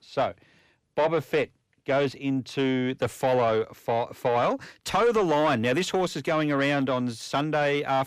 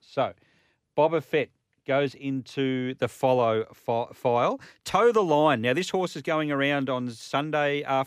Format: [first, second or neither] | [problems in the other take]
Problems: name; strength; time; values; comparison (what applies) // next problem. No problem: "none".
second | distortion; slight; 10 dB below the speech